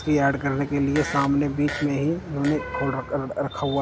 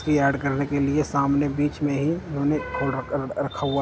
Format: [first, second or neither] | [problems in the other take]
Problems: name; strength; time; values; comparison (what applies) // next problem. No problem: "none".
second | background sound (Fart); 13 dB below the speech